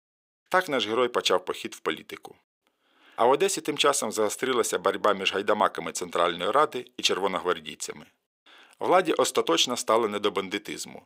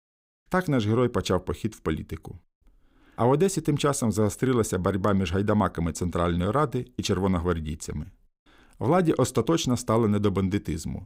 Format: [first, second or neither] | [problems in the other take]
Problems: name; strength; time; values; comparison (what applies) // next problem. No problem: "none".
second | thin; very; fading below 550 Hz